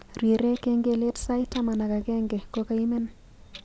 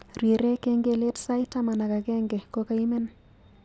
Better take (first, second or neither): second